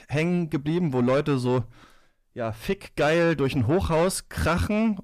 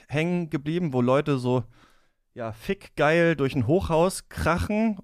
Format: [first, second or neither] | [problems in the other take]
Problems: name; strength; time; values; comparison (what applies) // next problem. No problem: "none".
second | distortion; slight; 10 dB below the speech